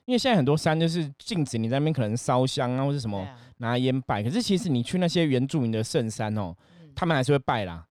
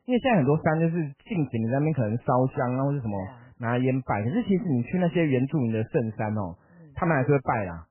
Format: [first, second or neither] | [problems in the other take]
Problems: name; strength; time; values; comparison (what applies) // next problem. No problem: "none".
first | garbled, watery; badly; nothing above 3 kHz